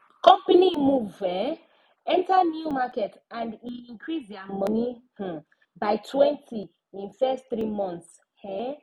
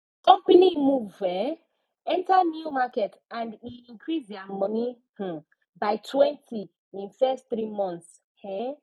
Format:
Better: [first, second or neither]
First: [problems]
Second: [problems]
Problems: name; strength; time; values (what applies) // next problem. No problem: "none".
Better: first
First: none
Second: noise reduction (neural mask model DeepFilterNet 3)